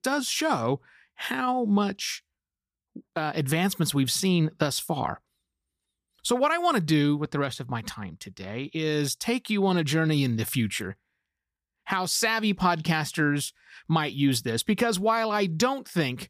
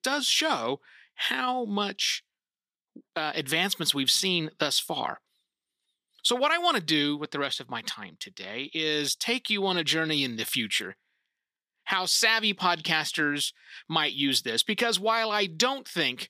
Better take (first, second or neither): first